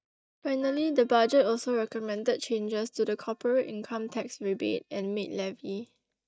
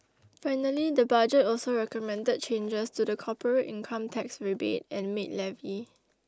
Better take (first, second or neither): second